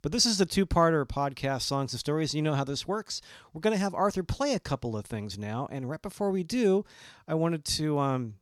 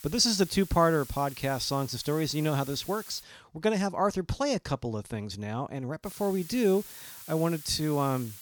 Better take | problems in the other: first | hiss; noticeable; until 3 s and from 6 s on; 15 dB below the speech

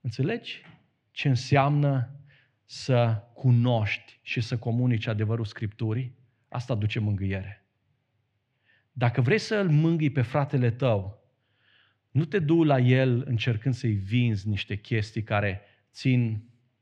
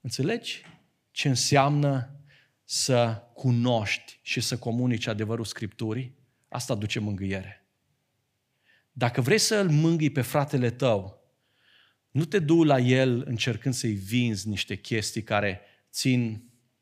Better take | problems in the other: second | muffled; slightly; fading above 2.5 kHz

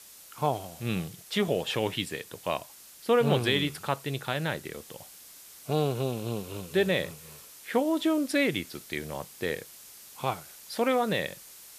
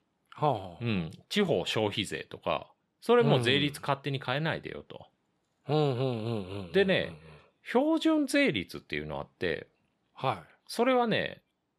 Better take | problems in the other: second | hiss; noticeable; throughout; 15 dB below the speech

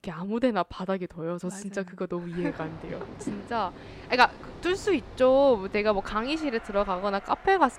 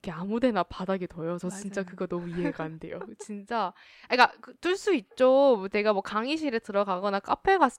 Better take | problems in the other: second | train or aircraft noise; noticeable; from 2.5 s on; 15 dB below the speech

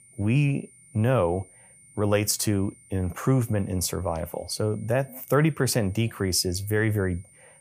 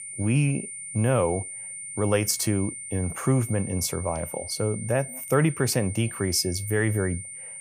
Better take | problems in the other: first | high-pitched whine; loud; throughout; 9 kHz, 9 dB below the speech; faint in the first

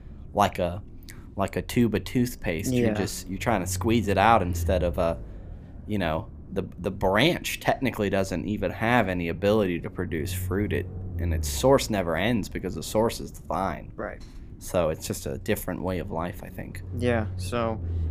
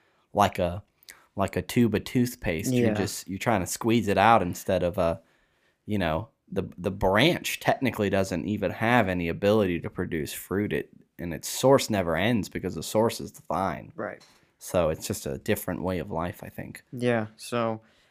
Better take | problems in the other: second | low rumble; faint; throughout; 25 dB below the speech

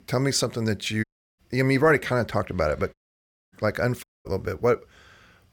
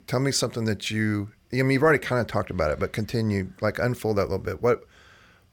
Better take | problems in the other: second | audio cutting out; at 1 s, at 3 s for 0.5 s and at 4 s

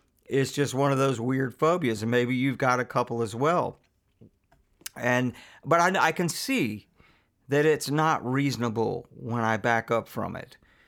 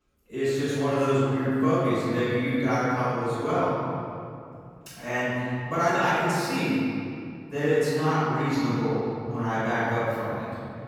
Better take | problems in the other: first | off-mic speech; far // room echo; strong; dies away in 2.4 s

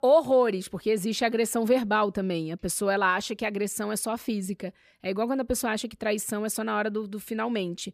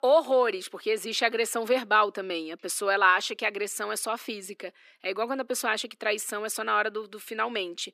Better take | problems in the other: first | thin; somewhat; fading below 300 Hz

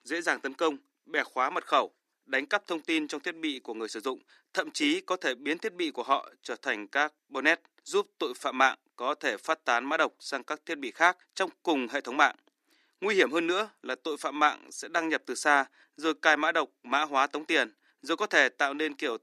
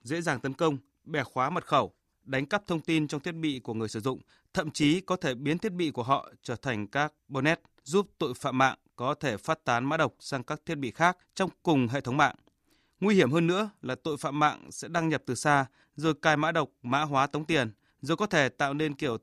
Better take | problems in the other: second | thin; somewhat; fading below 300 Hz

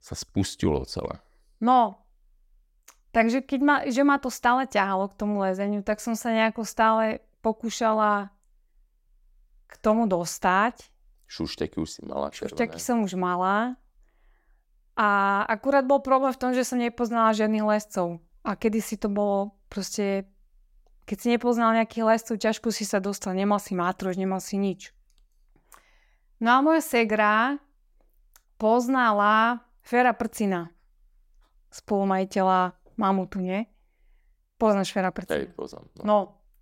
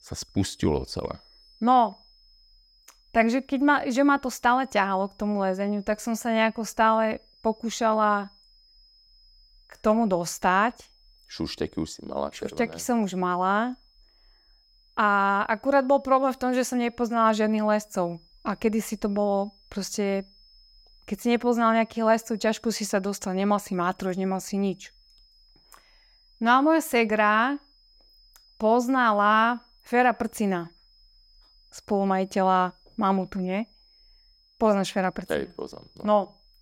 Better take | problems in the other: first | high-pitched whine; faint; throughout; 5 kHz, 35 dB below the speech

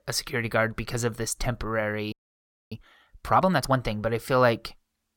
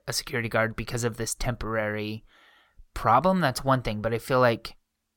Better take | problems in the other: second | audio freezing; at 2 s for 0.5 s

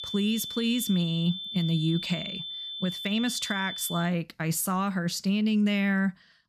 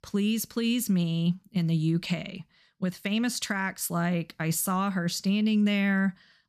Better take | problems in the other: second | high-pitched whine; loud; until 4 s; 3.5 kHz, 7 dB below the speech

